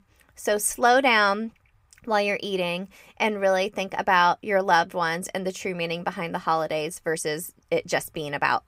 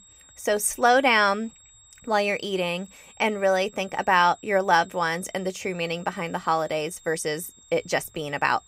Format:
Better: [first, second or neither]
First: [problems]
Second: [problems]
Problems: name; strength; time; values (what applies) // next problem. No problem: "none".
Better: first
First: none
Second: high-pitched whine; faint; throughout; 7.5 kHz, 25 dB below the speech